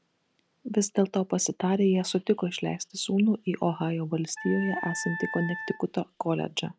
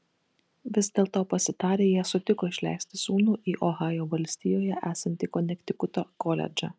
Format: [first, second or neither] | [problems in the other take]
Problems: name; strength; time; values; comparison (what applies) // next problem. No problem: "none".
second | background sound (Wind instrument, woodwind instrument); 10 dB below the speech